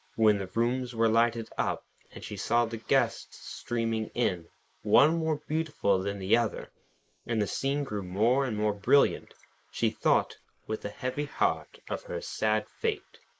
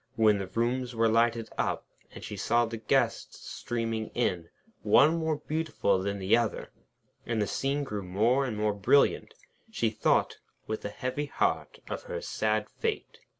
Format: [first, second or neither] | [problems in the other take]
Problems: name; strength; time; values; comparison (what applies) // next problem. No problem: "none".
second | noise reduction (neural mask model Resemble Enhance denoiser)